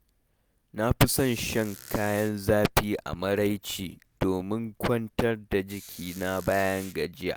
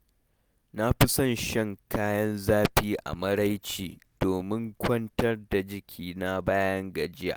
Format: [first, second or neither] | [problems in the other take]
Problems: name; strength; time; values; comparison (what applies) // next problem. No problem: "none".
second | background sound (Squeak); 18 dB below the speech